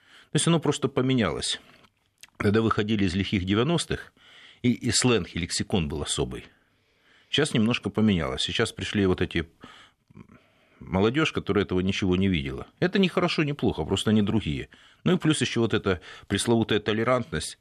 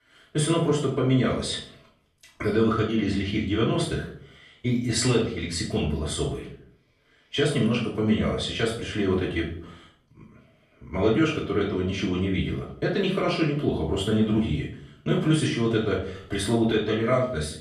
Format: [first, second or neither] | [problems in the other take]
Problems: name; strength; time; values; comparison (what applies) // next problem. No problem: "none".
first | off-mic speech; far // room echo; noticeable; dies away in 0.5 s